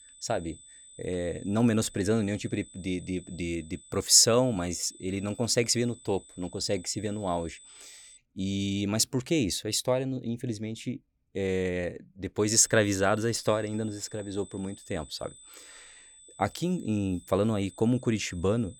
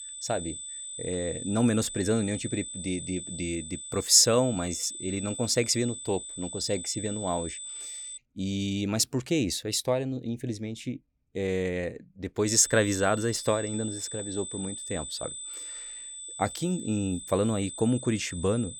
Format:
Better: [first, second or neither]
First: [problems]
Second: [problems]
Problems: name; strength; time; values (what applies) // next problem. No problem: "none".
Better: first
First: high-pitched whine; faint; until 8 s and from 12 s on; 8 kHz, 20 dB below the speech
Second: high-pitched whine; loud; until 8 s and from 12 s on; 8 kHz, 9 dB below the speech